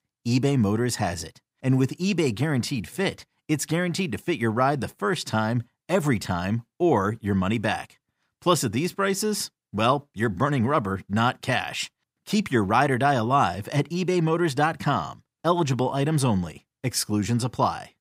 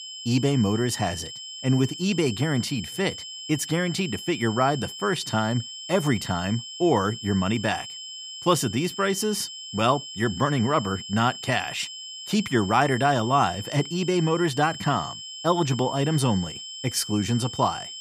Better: first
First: none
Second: high-pitched whine; noticeable; throughout; 3 kHz, 10 dB below the speech

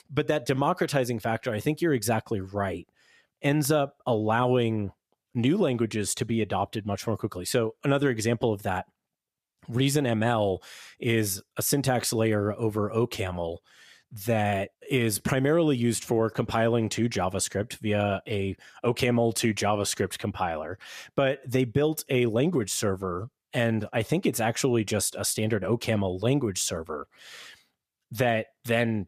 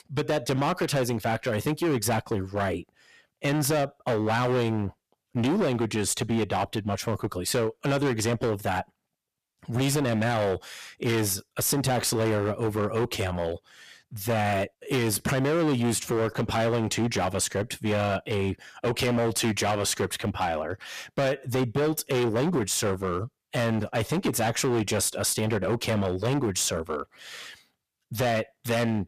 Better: first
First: none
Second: distortion; heavy; 17% of the sound clipped

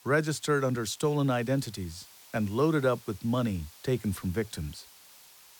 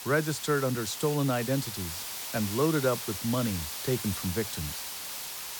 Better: first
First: hiss; faint; throughout; 20 dB below the speech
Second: hiss; loud; throughout; 5 dB below the speech

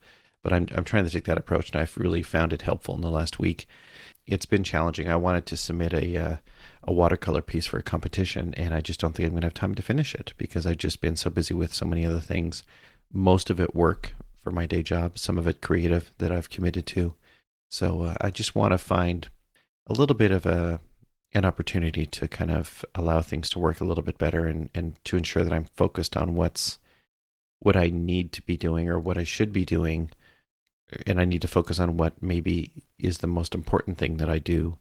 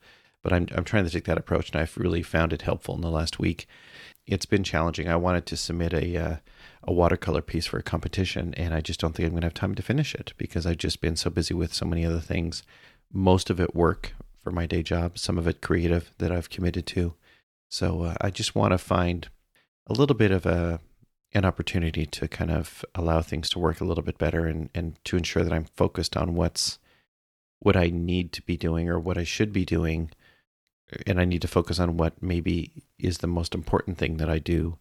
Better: second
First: garbled, watery; slightly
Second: none

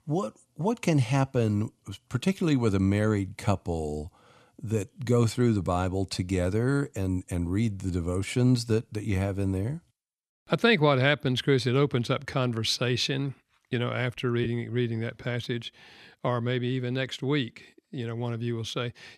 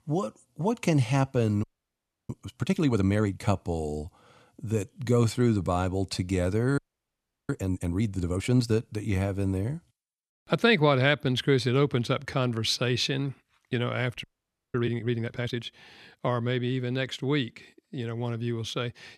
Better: first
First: none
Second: audio freezing; at 1.5 s for 0.5 s, at 7 s for 0.5 s and at 14 s for 0.5 s

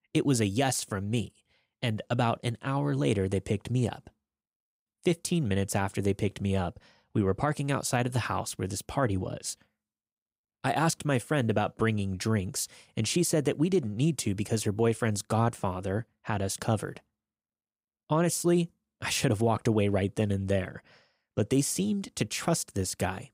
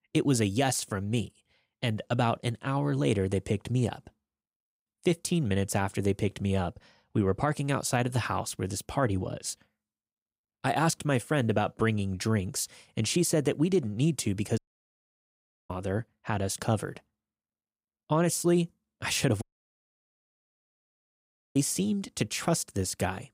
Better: first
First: none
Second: audio cutting out; at 15 s for 1 s and at 19 s for 2 s

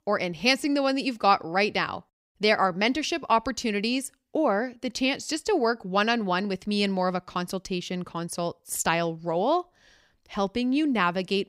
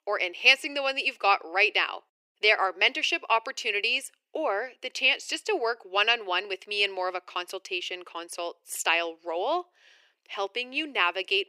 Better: first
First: none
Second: thin; very; fading below 350 Hz

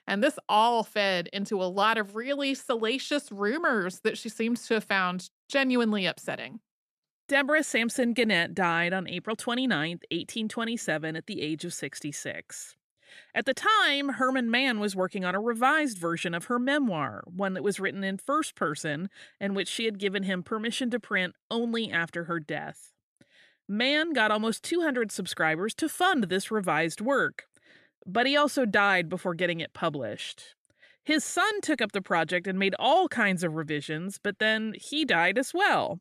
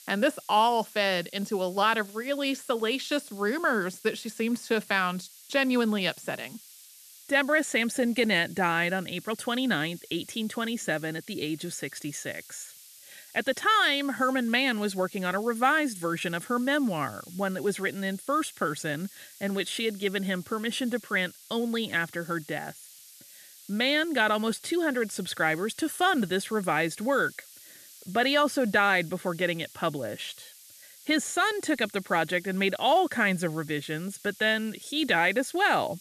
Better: first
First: none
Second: hiss; faint; throughout; 20 dB below the speech

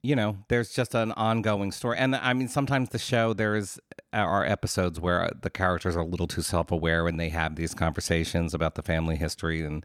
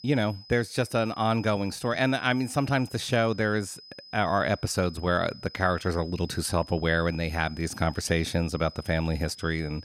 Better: first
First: none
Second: high-pitched whine; noticeable; throughout; 5 kHz, 20 dB below the speech

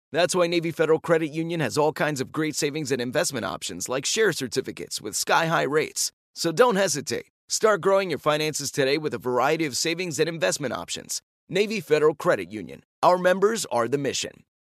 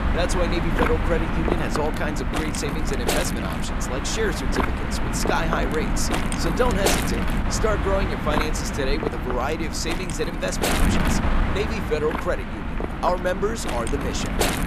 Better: first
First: none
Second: wind noise on the microphone; heavy; as loud as the speech

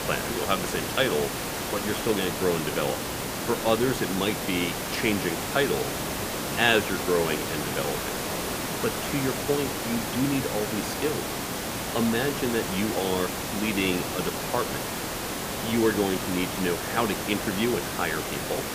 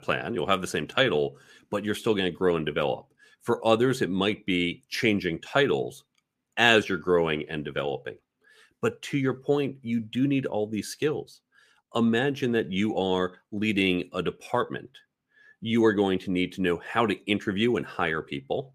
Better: second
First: hiss; loud; throughout; 2 dB below the speech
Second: none

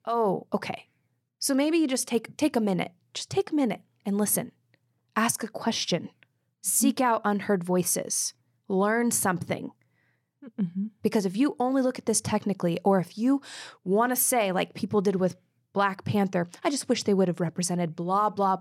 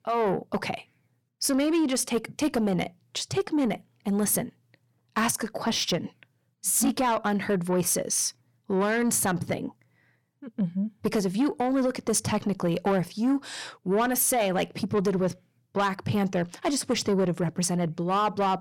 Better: first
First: none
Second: distortion; slight; 10 dB below the speech

